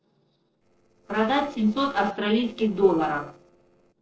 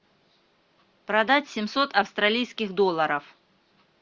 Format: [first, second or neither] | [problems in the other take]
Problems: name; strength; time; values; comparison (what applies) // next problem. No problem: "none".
second | noise reduction (neural separator model SepFormer DNS4)